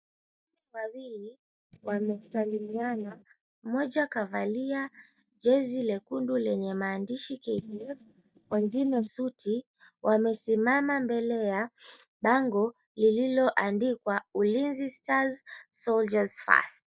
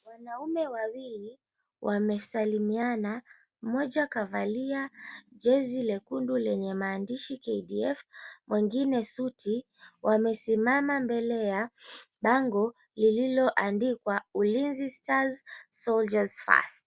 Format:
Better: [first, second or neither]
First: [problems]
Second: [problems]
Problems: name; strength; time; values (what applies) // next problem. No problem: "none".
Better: second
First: noise reduction (neural mask model DeepFilterNet 3)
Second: none